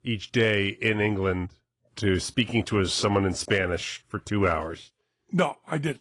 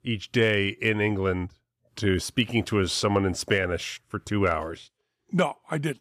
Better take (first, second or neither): second